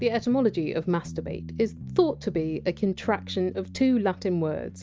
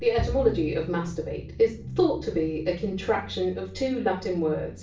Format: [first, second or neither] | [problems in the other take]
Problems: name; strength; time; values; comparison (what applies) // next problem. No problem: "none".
first | background sound (Bowed string instrument); 12 dB below the speech // room echo; dies away in 0.3 s